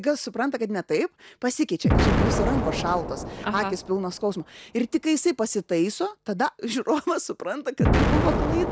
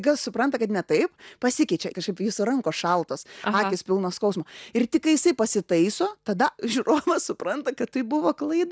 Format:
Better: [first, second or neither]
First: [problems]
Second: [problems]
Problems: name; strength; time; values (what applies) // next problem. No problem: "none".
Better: second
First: background sound (Explosion); 1 dB below the speech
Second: none